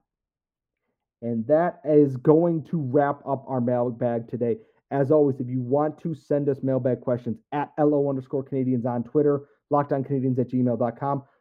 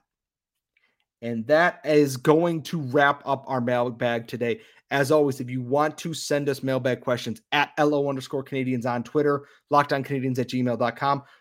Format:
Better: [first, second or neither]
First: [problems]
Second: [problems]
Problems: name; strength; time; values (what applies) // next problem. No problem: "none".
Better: second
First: muffled; very; fading above 1.5 kHz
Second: none